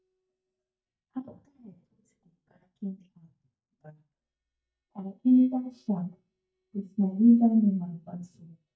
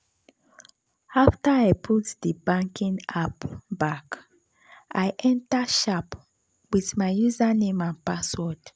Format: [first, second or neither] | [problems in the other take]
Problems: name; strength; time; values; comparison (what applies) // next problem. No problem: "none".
second | noise reduction (neural mask model DeepFilterNet 3)